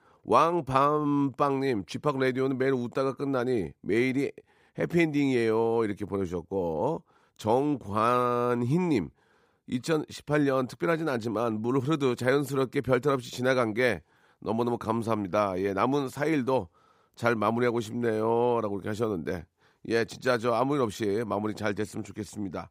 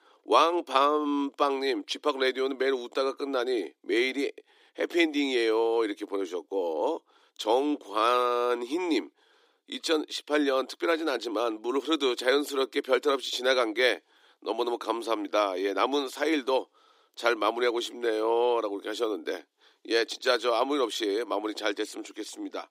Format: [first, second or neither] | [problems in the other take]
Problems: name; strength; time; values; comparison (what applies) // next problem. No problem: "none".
first | thin; very slightly; fading below 300 Hz